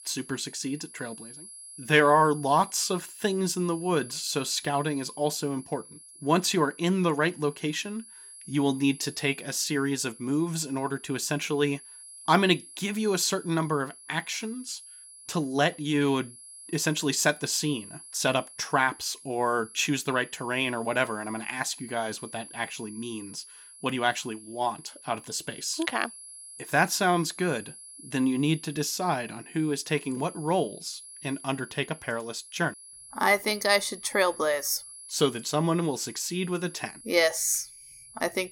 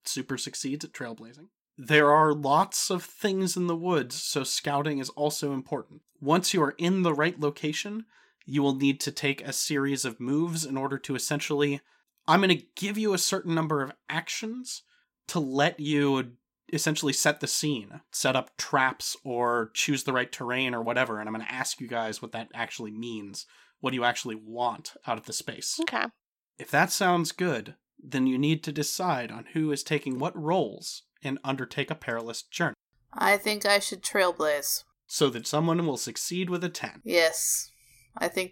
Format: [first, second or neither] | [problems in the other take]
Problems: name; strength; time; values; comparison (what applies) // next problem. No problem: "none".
second | high-pitched whine; noticeable; throughout; 10.5 kHz, 15 dB below the speech